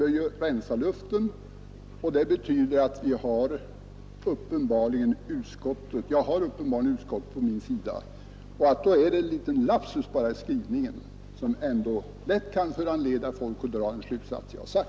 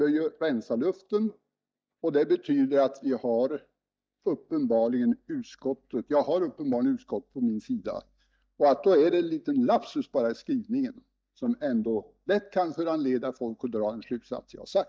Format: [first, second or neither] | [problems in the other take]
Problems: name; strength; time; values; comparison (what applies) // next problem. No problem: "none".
first | noise reduction (neural mask model DeepFilterNet 3)